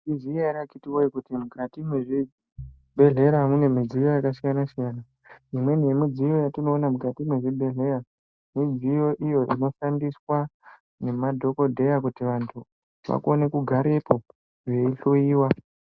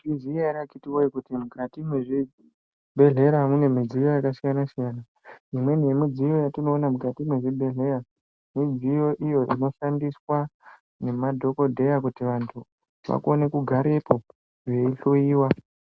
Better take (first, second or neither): second